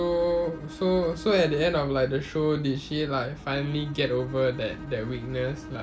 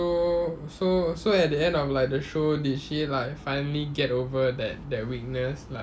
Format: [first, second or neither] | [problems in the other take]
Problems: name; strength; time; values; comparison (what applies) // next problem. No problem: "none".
second | background sound (Bowed string instrument); 17 dB below the speech